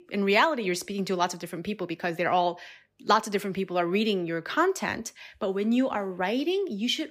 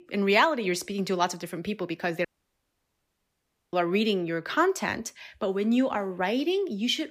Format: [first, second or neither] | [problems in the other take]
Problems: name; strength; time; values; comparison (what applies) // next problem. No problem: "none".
first | audio cutting out; at 2.5 s for 1.5 s